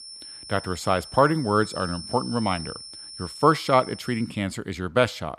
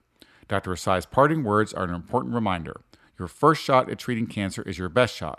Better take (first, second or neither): second